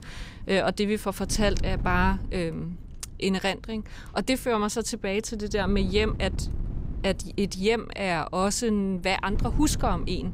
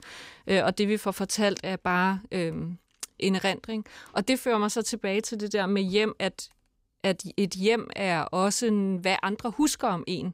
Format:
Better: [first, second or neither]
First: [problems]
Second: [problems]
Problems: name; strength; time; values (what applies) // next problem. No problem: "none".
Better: second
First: wind noise on the microphone; occasional gusts; 20 dB below the speech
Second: none